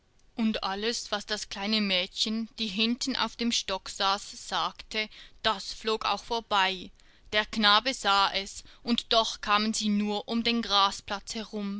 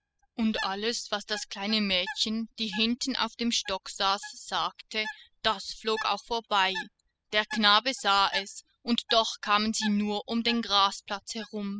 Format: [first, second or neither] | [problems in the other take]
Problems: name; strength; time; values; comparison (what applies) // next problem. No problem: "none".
first | noise reduction (classical method spectral subtraction)